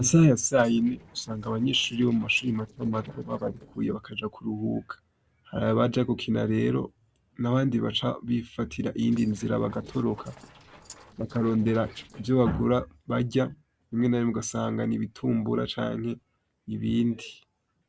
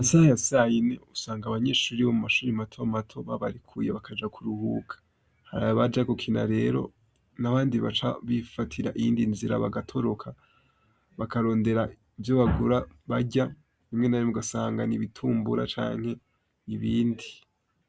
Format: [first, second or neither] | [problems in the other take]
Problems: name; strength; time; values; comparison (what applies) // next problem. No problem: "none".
second | noise reduction (neural separator model SepFormer DNS4)